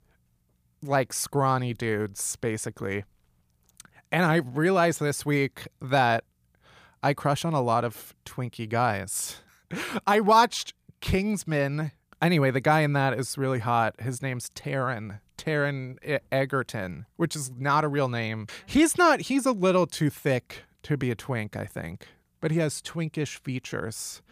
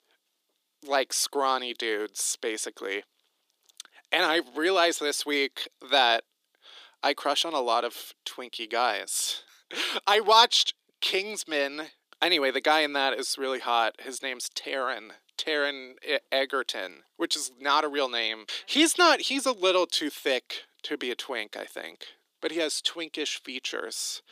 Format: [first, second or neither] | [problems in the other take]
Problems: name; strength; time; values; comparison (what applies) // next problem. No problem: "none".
first | thin; somewhat; fading below 300 Hz